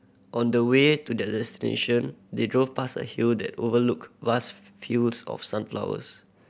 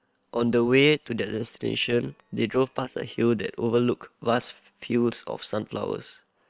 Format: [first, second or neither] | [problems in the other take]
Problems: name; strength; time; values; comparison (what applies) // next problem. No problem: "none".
first | noise reduction (neural separator model SepFormer WHAM!)